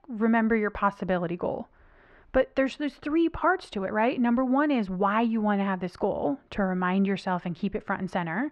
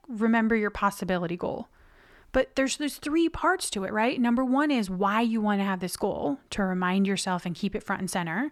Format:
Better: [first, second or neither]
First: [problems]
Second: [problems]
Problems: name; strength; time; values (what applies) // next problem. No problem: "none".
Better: second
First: muffled; slightly; fading above 2.5 kHz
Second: none